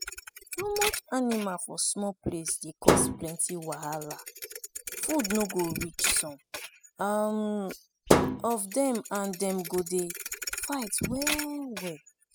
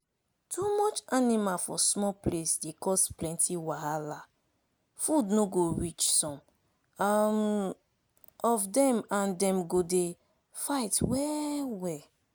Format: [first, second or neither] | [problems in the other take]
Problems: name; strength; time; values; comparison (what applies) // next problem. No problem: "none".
second | noise reduction (classical method spectral subtraction)